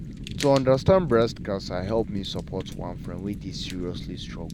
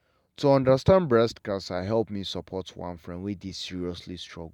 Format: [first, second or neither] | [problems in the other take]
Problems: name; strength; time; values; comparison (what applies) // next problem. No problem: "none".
second | background sound (Fire); 9 dB below the speech